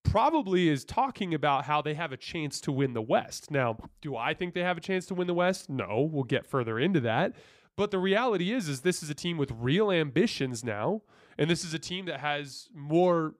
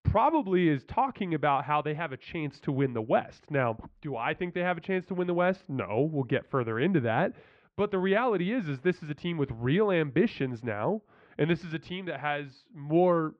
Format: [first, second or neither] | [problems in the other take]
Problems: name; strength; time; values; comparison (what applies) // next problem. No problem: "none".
first | muffled; very; fading above 2.5 kHz